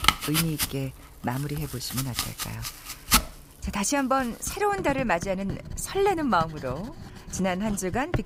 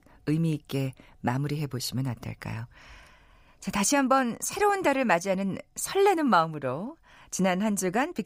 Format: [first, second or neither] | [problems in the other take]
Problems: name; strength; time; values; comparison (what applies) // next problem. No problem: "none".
second | household noises; loud; throughout; 3 dB below the speech